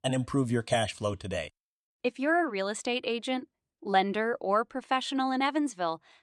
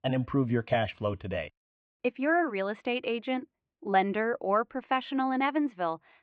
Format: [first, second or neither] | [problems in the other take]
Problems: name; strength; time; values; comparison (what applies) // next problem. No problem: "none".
first | muffled; very; fading above 2.5 kHz